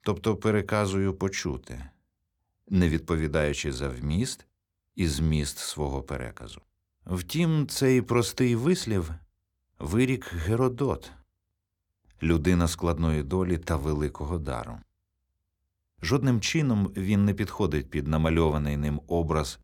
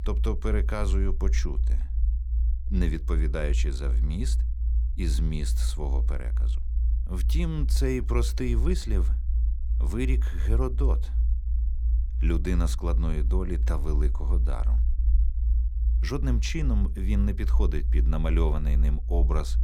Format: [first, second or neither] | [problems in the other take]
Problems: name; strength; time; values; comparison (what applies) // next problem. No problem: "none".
first | low rumble; noticeable; throughout; 10 dB below the speech